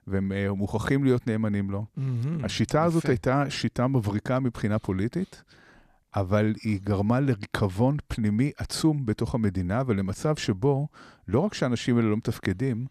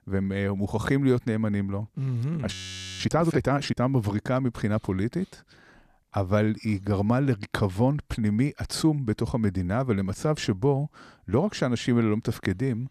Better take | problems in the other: first | audio freezing; at 2.5 s

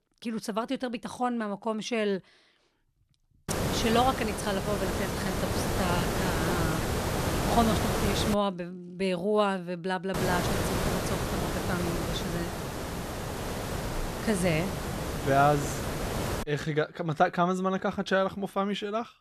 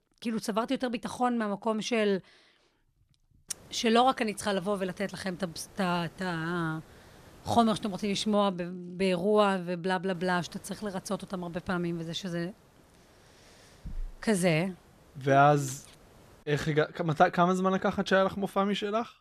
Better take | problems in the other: second | hiss; loud; from 3.5 to 8.5 s and from 10 to 16 s; 1 dB below the speech; faint in the second

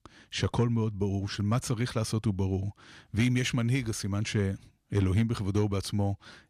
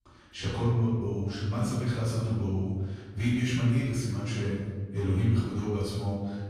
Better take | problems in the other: first | off-mic speech; far // room echo; strong; dies away in 1.4 s

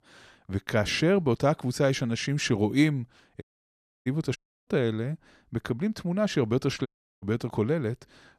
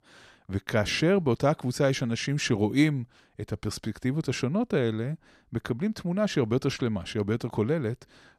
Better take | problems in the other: second | audio cutting out; at 3.5 s for 0.5 s, at 4.5 s and at 7 s

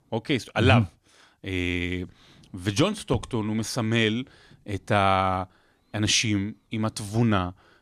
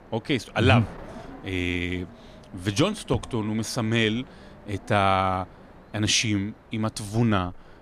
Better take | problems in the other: first | wind noise on the microphone; occasional gusts; 20 dB below the speech

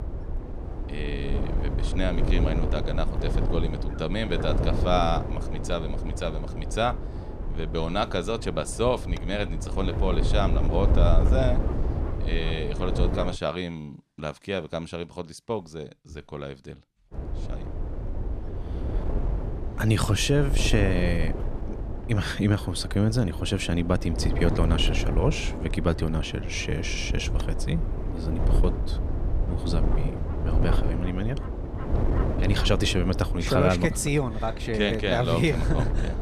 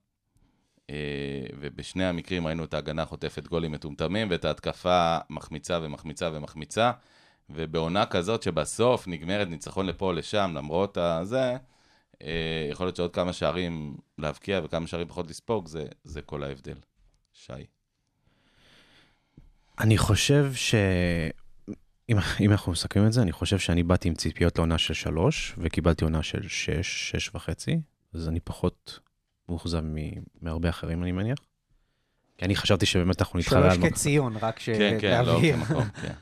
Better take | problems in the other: second | wind noise on the microphone; heavy; until 13 s and from 17 s on; 9 dB below the speech

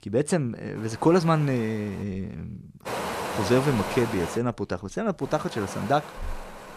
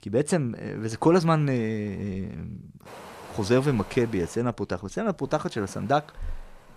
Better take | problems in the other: second | wind noise on the microphone; heavy; from 1 to 2 s, from 3 to 4.5 s and from 5 s on; 6 dB below the speech; occasional gusts in the second

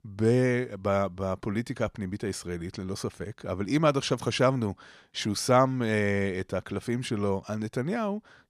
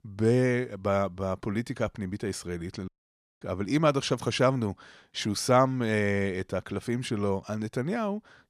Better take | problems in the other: first | audio cutting out; at 3 s for 0.5 s

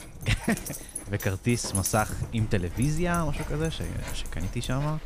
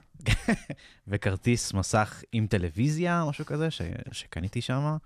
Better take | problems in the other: second | animal sounds; loud; throughout; 7 dB below the speech

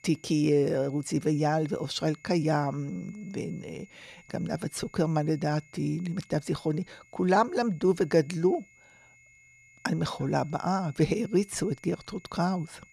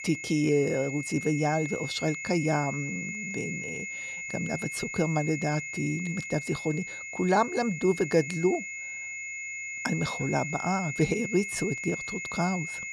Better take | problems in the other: first | high-pitched whine; loud; throughout; 2 kHz, 5 dB below the speech; faint in the first

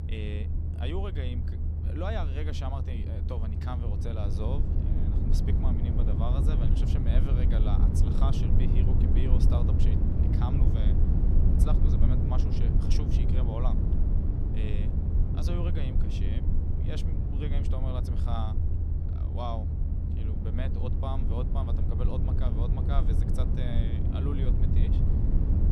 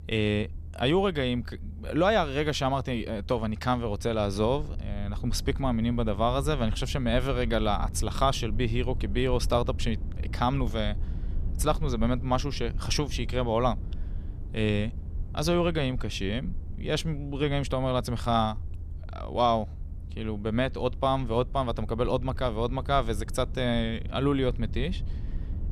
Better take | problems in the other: second | low rumble; loud; throughout; as loud as the speech; faint in the second

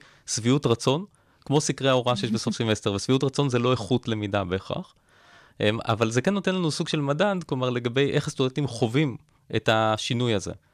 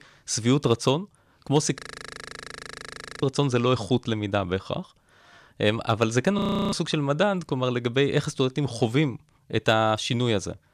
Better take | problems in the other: first | audio freezing; at 2 s for 1.5 s and at 6.5 s

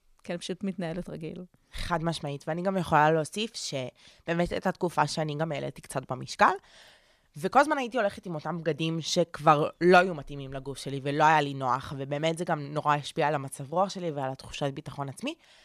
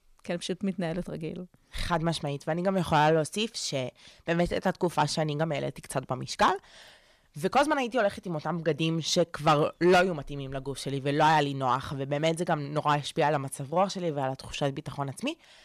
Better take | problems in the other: first | distortion; slight; 10 dB below the speech

